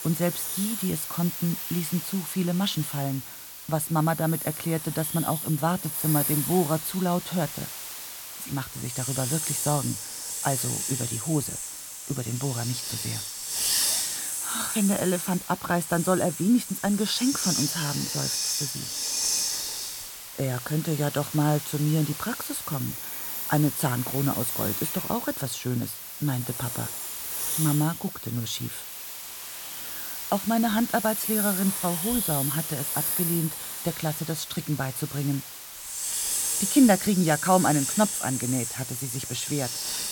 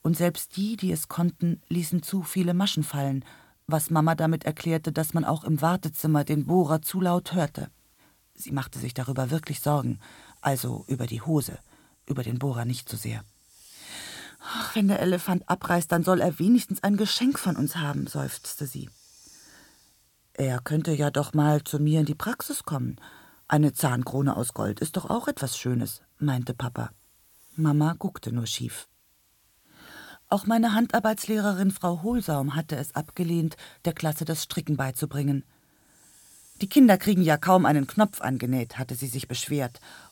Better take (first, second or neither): second